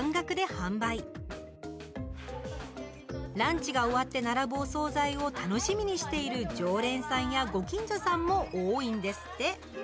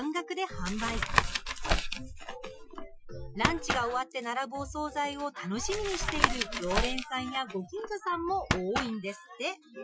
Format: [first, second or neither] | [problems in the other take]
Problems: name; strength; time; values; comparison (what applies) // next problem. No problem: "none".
first | noise reduction (classical method Wiener filter)